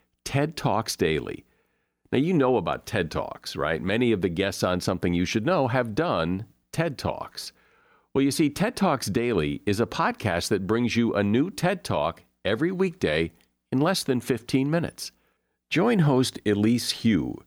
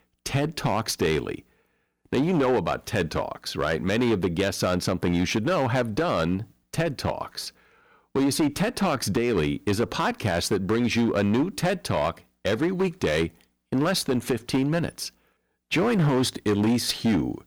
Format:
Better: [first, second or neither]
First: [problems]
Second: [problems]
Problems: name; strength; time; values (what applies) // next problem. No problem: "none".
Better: first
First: none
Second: distortion; slight; 10% of the sound clipped